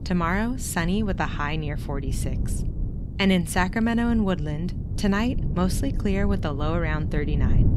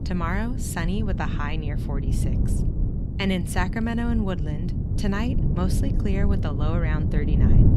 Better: first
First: wind noise on the microphone; occasional gusts; 15 dB below the speech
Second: wind noise on the microphone; heavy; 6 dB below the speech

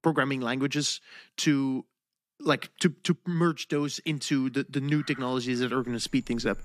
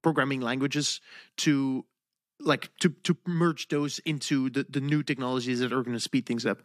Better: second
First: animal sounds; very faint; from 4.5 s on; 25 dB below the speech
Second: none

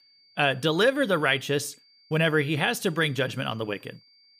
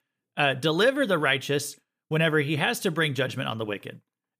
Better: second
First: high-pitched whine; faint; throughout; 4.5 kHz, 30 dB below the speech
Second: none

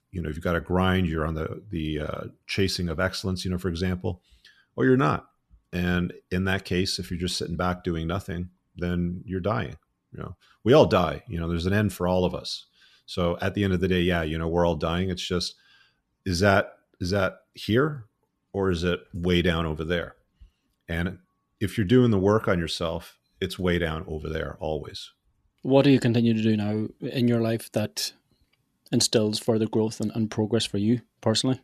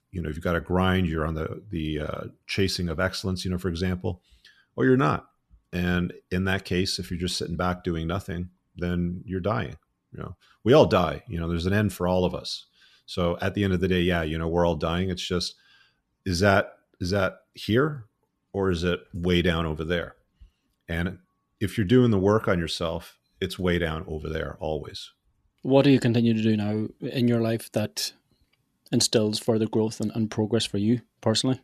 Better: neither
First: none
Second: none

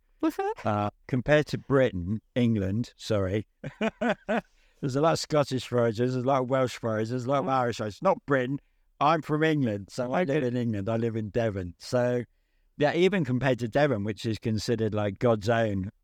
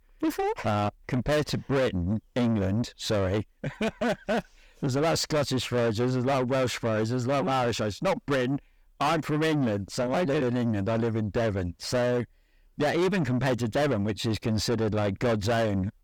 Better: first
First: none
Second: distortion; heavy; 7 dB below the speech

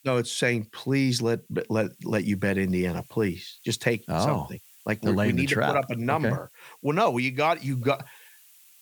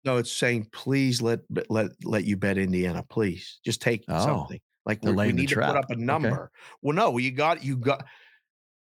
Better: second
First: hiss; faint; throughout; 25 dB below the speech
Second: none

